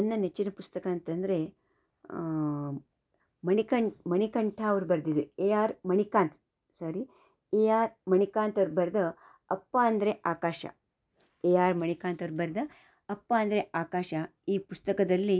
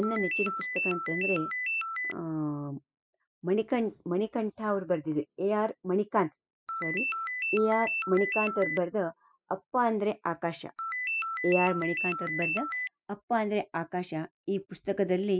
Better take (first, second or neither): first